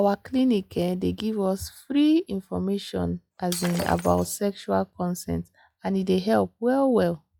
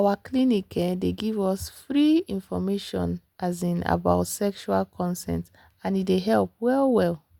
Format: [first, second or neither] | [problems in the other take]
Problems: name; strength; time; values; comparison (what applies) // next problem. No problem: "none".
second | noise reduction (classical method log-MMSE)